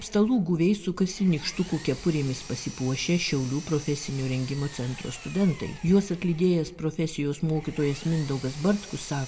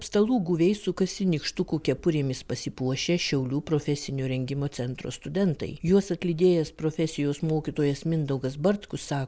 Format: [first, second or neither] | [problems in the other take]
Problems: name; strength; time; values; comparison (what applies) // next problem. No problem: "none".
second | background sound (Power tool); 19 dB below the speech // room echo; dies away in 0.9 s